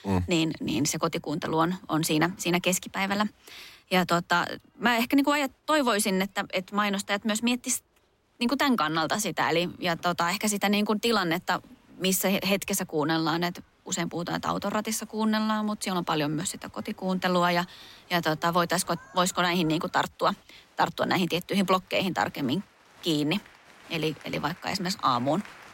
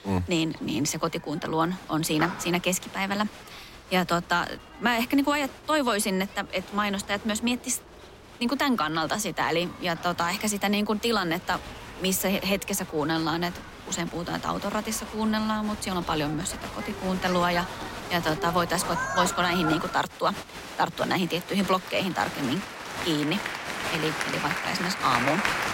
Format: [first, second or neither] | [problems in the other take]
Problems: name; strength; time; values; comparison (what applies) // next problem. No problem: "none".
first | crowd noise; loud; throughout; 8 dB below the speech; faint in the first